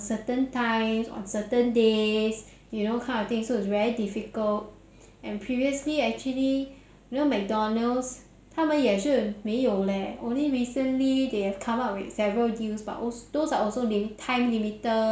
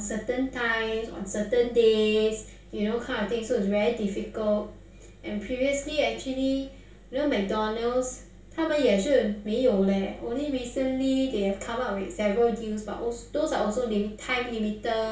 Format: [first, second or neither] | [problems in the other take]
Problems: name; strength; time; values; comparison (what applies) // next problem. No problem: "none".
first | room echo; dies away in 0.2 s